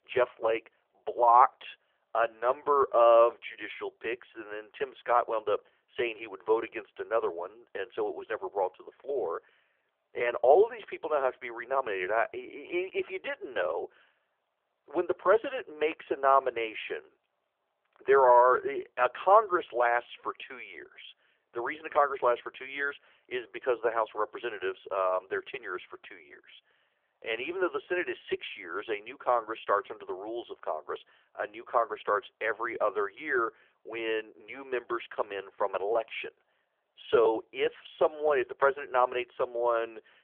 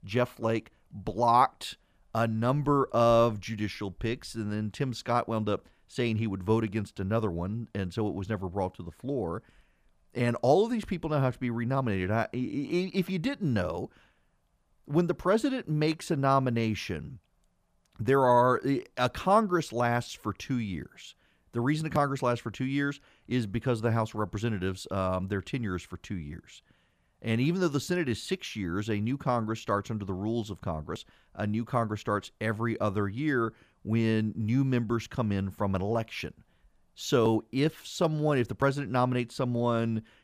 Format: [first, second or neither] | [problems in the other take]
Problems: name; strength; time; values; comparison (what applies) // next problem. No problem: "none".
second | phone-call audio; nothing above 3.5 kHz